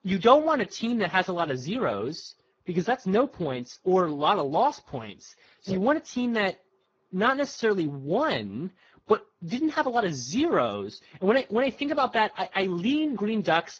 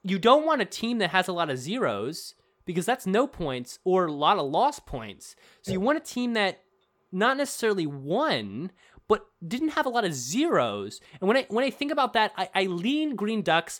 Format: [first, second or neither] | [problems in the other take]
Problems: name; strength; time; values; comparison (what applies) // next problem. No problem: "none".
second | garbled, watery; badly; nothing above 6.5 kHz